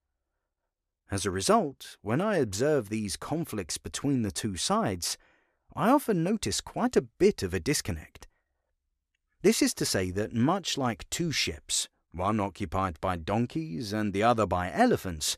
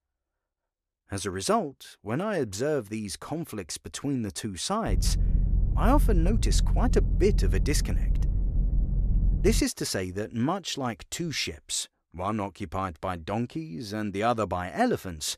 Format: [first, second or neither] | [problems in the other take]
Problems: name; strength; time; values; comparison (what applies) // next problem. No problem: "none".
first | low rumble; noticeable; from 5 to 9.5 s; 15 dB below the speech